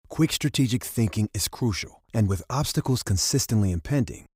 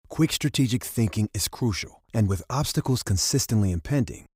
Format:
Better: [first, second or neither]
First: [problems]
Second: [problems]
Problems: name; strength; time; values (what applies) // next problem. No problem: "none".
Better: neither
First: none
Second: none